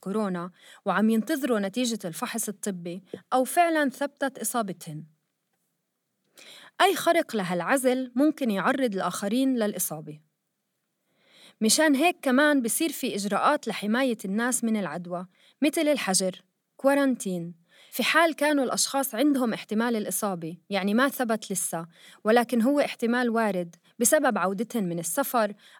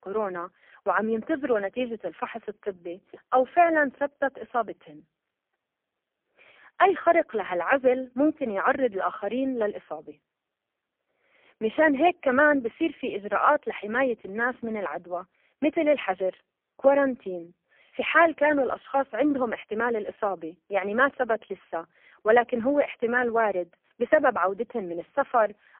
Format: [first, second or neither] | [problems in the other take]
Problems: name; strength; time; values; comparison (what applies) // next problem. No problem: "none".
first | phone-call audio; poor line; nothing above 3 kHz